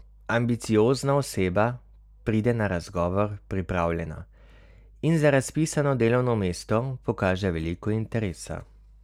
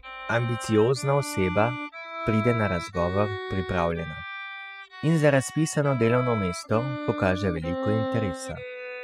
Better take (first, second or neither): first